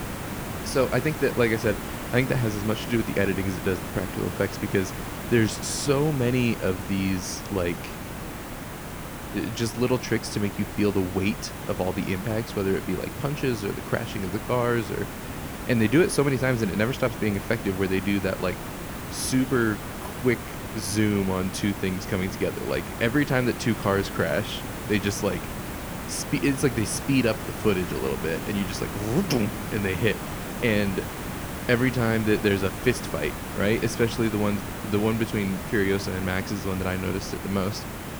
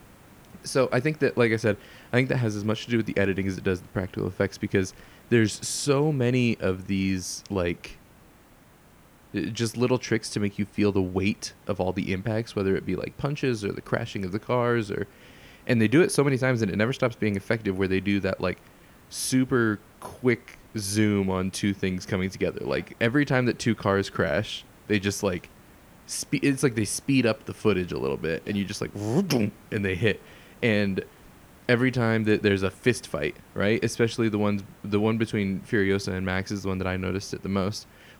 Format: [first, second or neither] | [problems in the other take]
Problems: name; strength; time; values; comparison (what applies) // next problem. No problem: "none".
second | hiss; loud; throughout; 8 dB below the speech; faint in the second